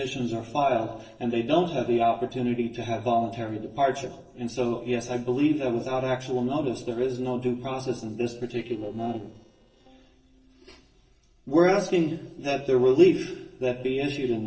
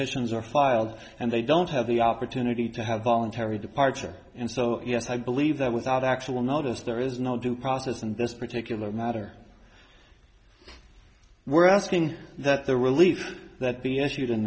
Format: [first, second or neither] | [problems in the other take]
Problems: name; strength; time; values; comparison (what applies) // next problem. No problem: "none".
second | noise reduction (neural separator model SepFormer DNS4)